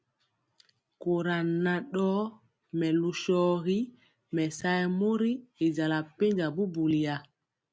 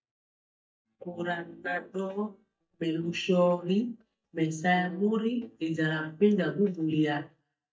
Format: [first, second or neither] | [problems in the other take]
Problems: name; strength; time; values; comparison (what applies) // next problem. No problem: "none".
first | noise reduction (neural mask model DeepFilterNet 3)